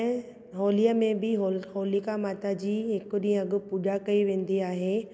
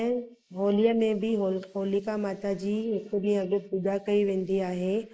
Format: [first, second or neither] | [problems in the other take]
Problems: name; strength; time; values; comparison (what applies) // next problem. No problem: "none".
first | noise reduction (neural mask model Resemble Enhance denoiser)